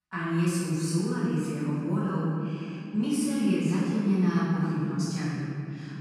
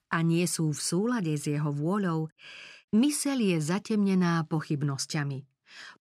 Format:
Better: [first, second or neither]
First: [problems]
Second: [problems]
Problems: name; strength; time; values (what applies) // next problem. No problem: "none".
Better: second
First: off-mic speech; far // room echo; strong; dies away in 2.8 s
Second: none